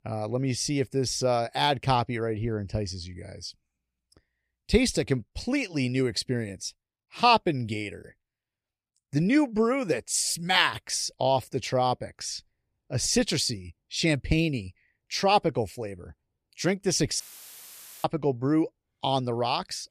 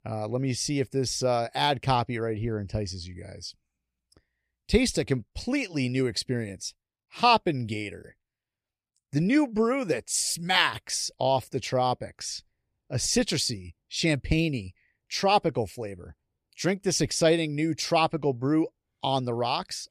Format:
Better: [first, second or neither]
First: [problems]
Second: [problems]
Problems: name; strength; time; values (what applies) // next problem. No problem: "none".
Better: second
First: audio cutting out; filled with static; at 17 s for 1 s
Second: none